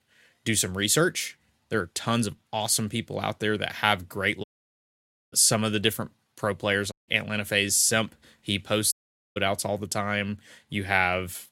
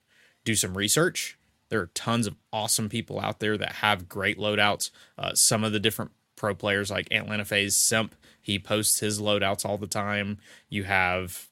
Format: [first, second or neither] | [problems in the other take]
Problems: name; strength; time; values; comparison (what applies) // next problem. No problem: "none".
second | audio cutting out; at 4.5 s for 1 s, at 7 s and at 9 s